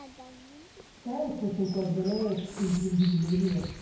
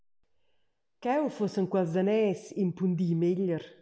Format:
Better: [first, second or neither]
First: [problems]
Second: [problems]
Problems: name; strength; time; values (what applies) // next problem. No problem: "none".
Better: second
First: background sound (Bird vocalization, bird call, bird song); 16 dB below the speech // room echo; dies away in 0.9 s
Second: none